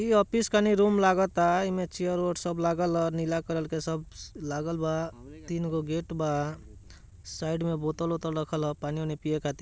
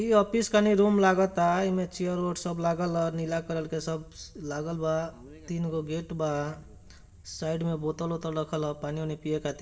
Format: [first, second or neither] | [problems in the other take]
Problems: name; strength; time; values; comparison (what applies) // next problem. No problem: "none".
first | room echo; dies away in 0.6 s